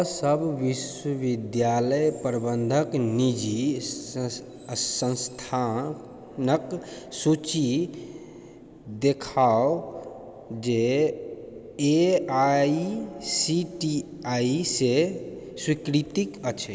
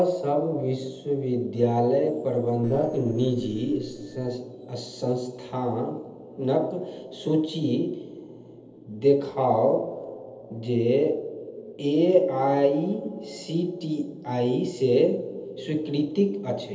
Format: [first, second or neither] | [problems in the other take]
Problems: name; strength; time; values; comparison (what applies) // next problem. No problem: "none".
first | noise reduction (neural separator model SepFormer DNS4)